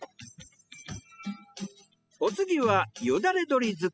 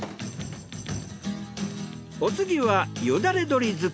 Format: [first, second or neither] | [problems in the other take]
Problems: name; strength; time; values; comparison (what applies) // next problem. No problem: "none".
second | noise reduction (classical method spectral subtraction)